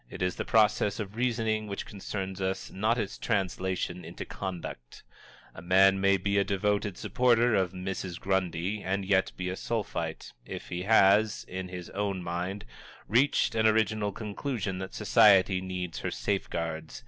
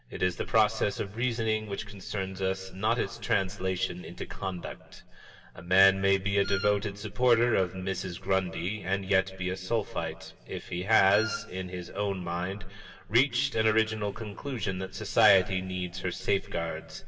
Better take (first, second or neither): first